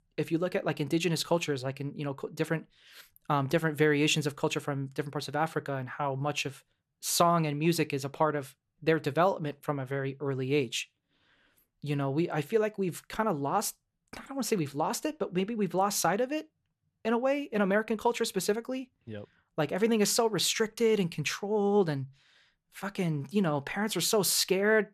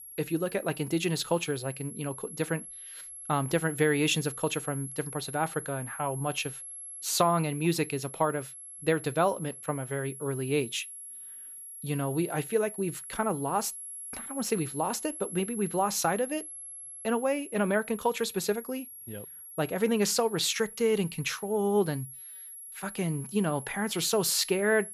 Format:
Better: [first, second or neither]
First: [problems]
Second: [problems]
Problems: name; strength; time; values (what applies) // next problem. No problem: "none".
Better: first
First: none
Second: high-pitched whine; noticeable; throughout; 11 kHz, 10 dB below the speech